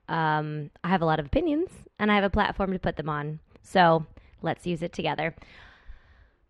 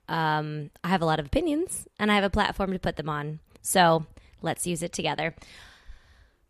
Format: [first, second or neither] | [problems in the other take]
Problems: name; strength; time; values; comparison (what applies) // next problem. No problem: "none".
second | muffled; slightly; fading above 3 kHz